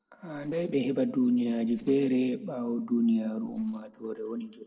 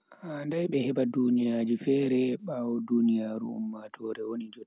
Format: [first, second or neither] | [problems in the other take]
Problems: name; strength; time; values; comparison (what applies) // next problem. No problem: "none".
second | noise reduction (neural separator model SepFormer DNS4)